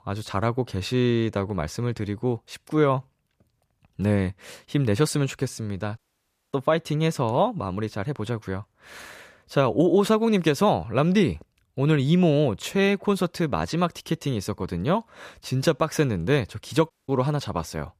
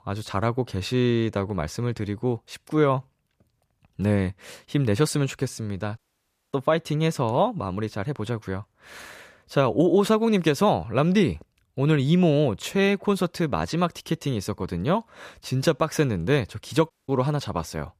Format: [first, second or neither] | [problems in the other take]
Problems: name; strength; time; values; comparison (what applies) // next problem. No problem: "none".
neither | audio cutting out; at 6 s for 0.5 s and at 17 s; the same in both